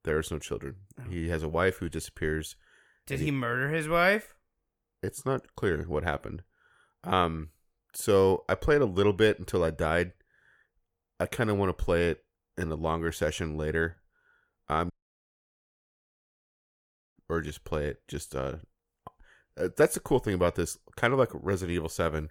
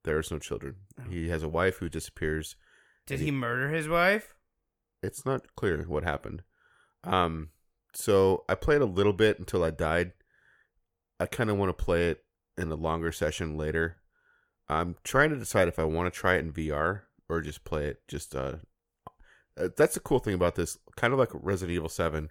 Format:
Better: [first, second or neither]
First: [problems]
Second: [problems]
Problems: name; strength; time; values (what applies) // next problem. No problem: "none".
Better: second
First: audio cutting out; at 15 s for 2.5 s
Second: none